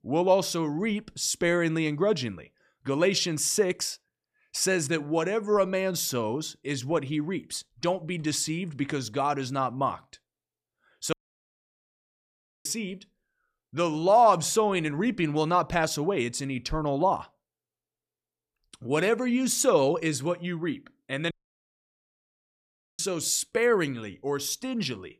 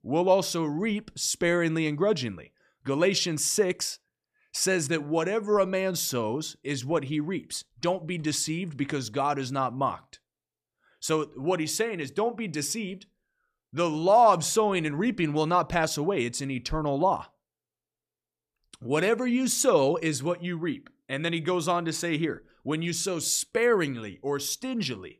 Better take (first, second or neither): second